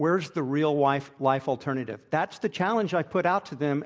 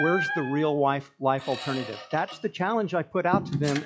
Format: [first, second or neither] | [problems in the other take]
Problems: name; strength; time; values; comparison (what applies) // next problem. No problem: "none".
first | noise reduction (classical method log-MMSE)